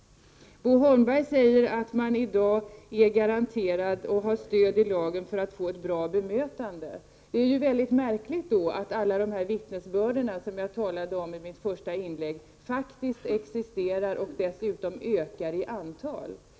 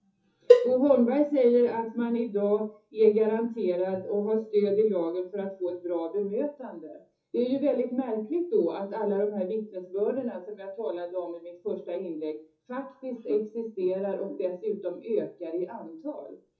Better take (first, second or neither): first